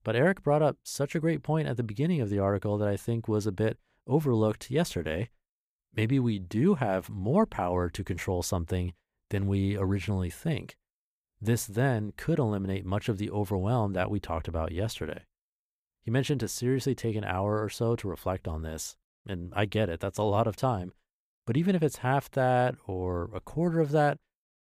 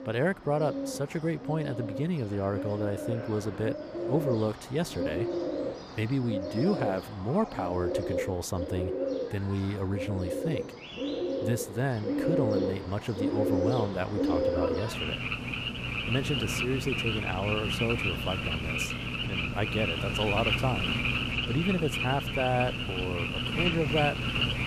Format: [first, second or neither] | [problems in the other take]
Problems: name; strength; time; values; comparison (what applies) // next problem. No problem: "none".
first | animal sounds; very loud; throughout; as loud as the speech